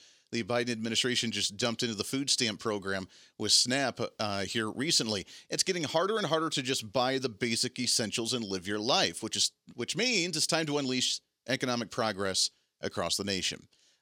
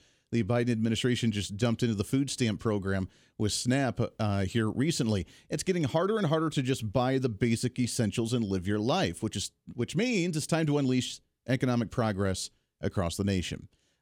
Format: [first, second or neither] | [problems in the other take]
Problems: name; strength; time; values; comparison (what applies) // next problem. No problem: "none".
second | thin; somewhat; fading below 600 Hz